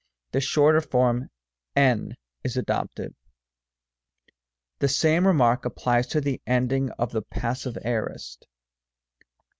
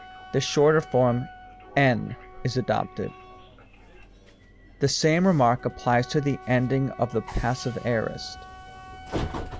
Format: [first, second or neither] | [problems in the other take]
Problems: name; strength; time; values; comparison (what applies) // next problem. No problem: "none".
first | background sound (Train + Wind instrument, woodwind instrument); 15 dB below the speech